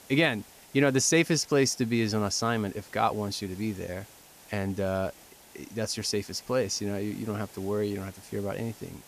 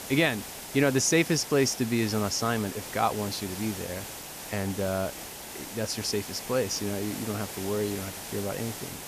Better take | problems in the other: first | hiss; loud; throughout; 9 dB below the speech; faint in the first

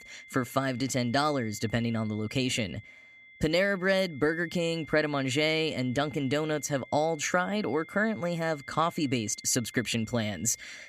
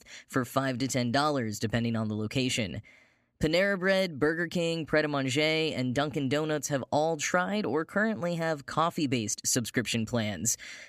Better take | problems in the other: second | high-pitched whine; noticeable; throughout; 2 kHz, 20 dB below the speech

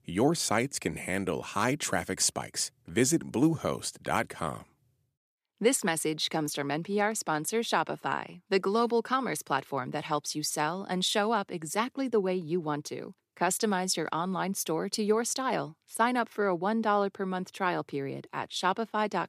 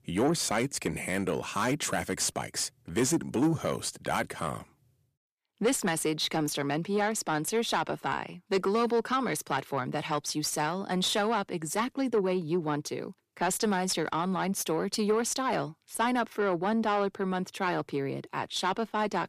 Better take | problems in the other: first | distortion; slight; 10 dB below the speech

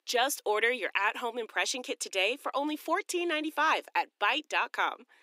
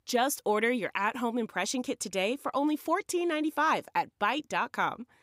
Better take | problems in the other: second | thin; somewhat; fading below 300 Hz

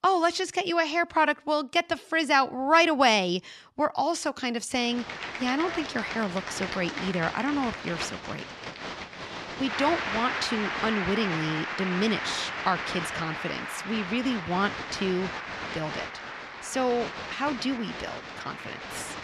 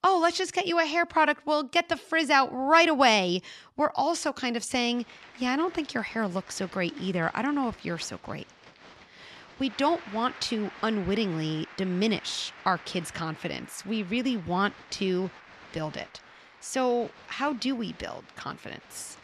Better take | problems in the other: second | crowd noise; loud; from 5 s on; 6 dB below the speech; faint in the second

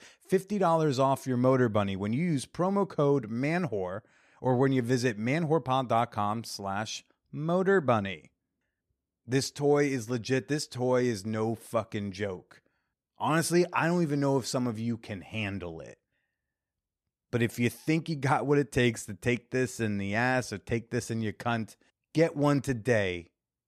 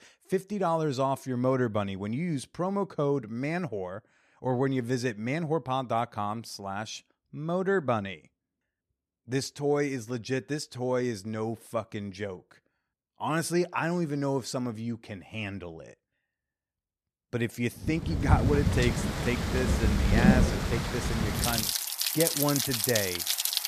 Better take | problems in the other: first | rain or running water; very loud; from 18 s on; 3 dB above the speech

